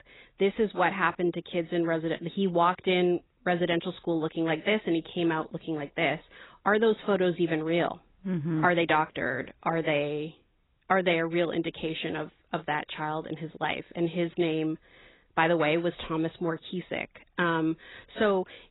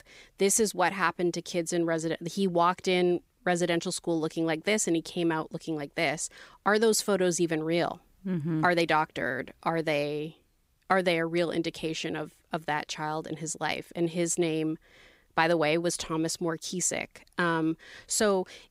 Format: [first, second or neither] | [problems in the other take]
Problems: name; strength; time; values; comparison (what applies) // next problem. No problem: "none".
second | garbled, watery; badly; nothing above 4 kHz